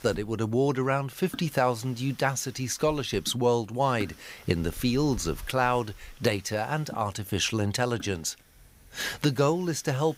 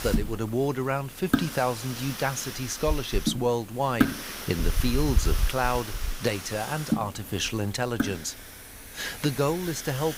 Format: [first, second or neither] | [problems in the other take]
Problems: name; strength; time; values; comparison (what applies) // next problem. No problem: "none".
first | hiss; loud; throughout; 3 dB below the speech; faint in the first